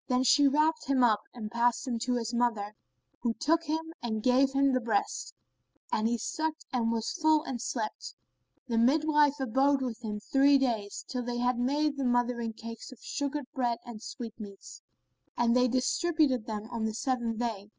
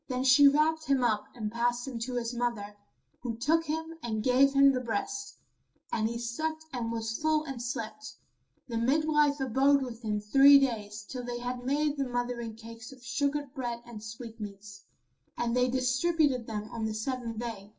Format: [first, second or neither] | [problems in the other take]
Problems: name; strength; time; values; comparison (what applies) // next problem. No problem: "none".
first | room echo; dies away in 0.2 s